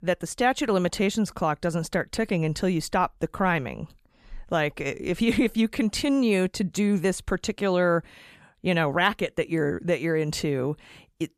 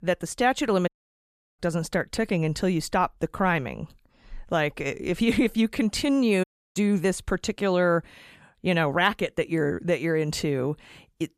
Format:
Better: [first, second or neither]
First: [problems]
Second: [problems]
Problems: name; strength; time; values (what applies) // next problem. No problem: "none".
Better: first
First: none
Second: audio cutting out; at 1 s for 0.5 s and at 6.5 s